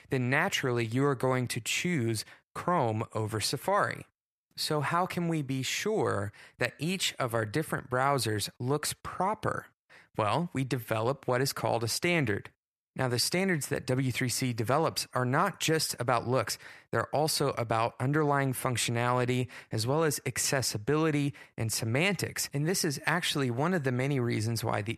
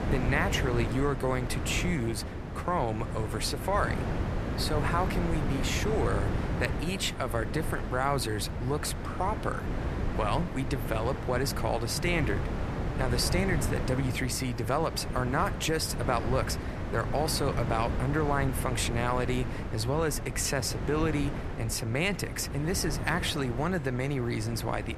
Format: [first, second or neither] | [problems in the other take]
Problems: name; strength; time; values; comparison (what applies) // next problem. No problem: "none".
first | wind noise on the microphone; heavy; 7 dB below the speech